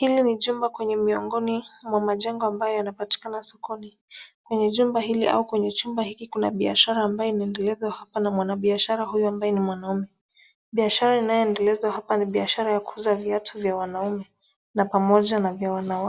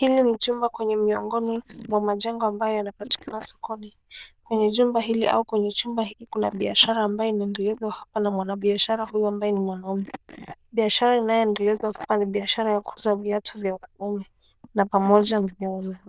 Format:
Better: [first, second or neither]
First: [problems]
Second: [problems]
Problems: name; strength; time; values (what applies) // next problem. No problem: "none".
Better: first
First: none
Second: noise reduction (neural diffusion model UNIVERSE++)